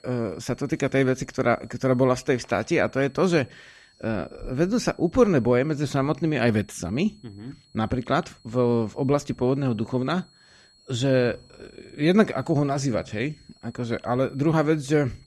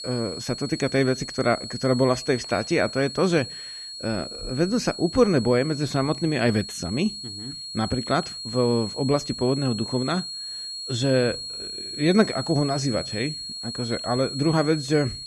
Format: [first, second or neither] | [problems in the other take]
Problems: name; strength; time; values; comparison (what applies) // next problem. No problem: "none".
first | high-pitched whine; loud; throughout; 4.5 kHz, 8 dB below the speech; faint in the first